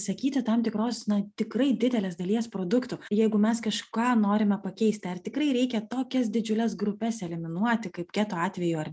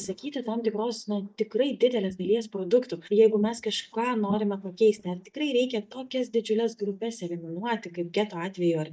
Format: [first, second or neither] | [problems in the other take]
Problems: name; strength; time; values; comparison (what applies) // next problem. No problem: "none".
first | noise reduction (neural mask model DeepFilterNet 3)